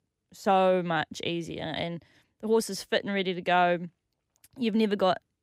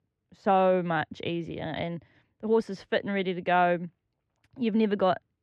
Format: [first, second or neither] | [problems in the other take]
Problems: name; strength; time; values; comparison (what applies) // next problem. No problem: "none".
first | muffled; slightly; fading above 2.5 kHz